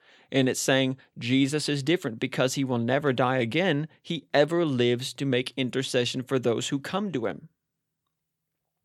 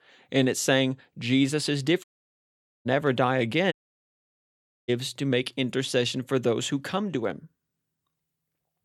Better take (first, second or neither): first